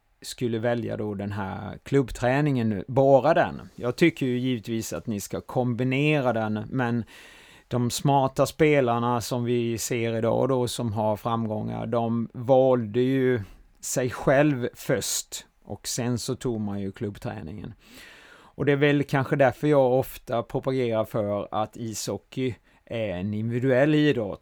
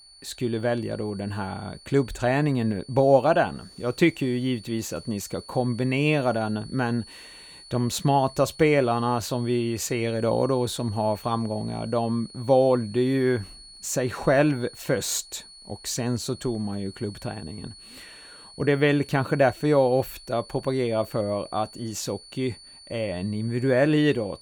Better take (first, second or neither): first